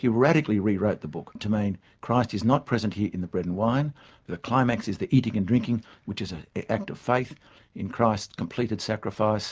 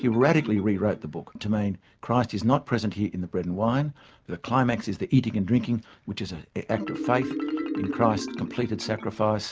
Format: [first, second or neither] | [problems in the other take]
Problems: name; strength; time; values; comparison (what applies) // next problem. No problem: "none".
first | background sound (Marimba, xylophone); 11 dB below the speech